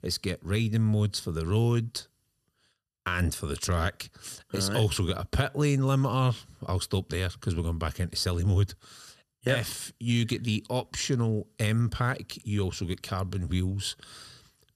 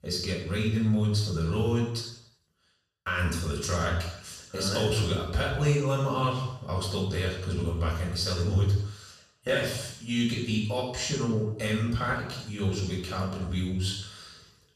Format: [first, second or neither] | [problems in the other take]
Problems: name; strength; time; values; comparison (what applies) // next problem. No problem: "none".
first | room echo; noticeable; dies away in 0.7 s // off-mic speech; far